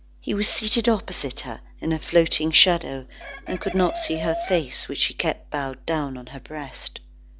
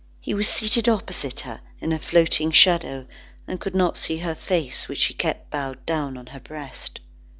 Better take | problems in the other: second | background sound (Chicken, rooster); 9 dB below the speech

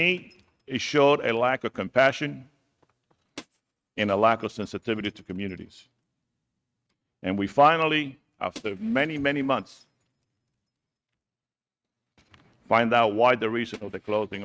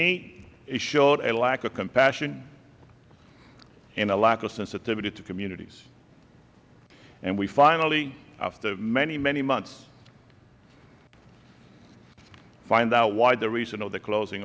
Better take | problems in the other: second | noise reduction (neural mask model RNNoise)

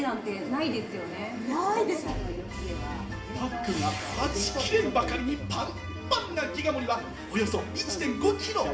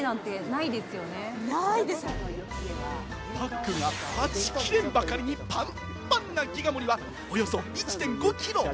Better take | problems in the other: second | room echo; dies away in 0.5 s

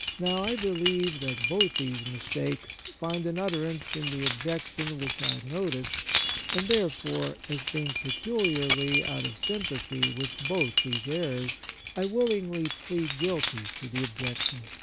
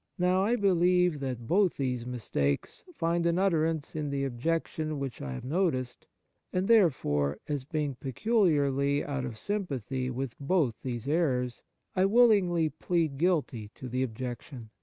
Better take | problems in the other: second | background sound (Keys jangling); 2 dB below the speech

